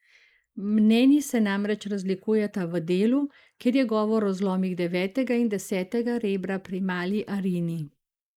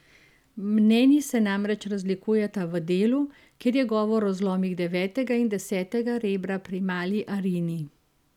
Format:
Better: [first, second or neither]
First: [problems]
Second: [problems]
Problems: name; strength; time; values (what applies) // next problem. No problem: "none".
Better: second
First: noise reduction (neural mask model Resemble Enhance denoiser)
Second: none